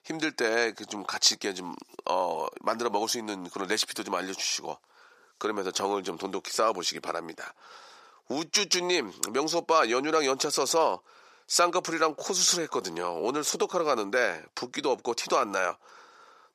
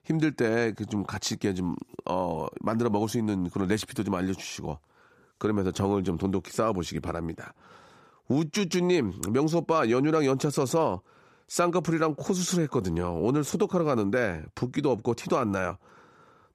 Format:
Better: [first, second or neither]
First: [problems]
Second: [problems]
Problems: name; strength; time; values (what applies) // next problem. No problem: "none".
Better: second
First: thin; somewhat; fading below 550 Hz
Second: none